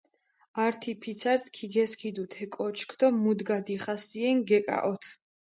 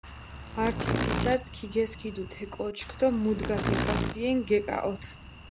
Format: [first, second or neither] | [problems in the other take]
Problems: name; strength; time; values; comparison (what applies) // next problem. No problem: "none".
first | background sound (Insect); 3 dB below the speech